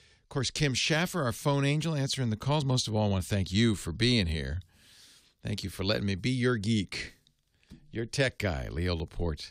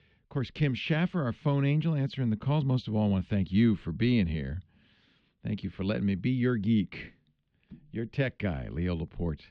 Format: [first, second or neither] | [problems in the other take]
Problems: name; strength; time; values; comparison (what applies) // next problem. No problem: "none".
first | muffled; slightly; fading above 3 kHz